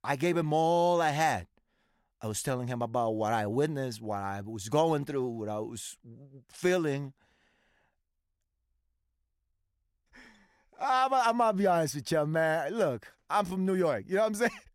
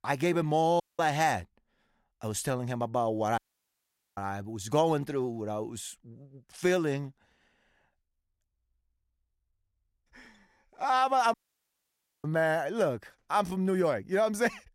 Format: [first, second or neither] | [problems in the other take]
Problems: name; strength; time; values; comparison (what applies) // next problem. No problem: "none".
first | audio cutting out; at 1 s, at 3.5 s for 1 s and at 11 s for 1 s